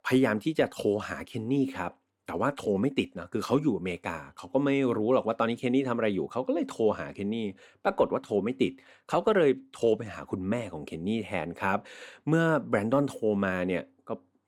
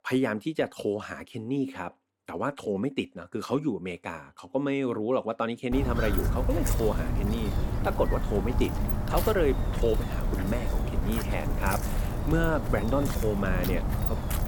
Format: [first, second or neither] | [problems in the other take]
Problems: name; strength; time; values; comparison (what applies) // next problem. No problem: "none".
first | footsteps; loud; from 5.5 s on; peak 2 dB above the speech